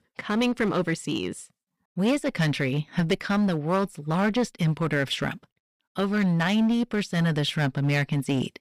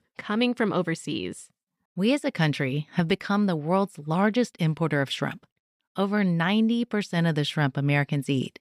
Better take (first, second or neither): second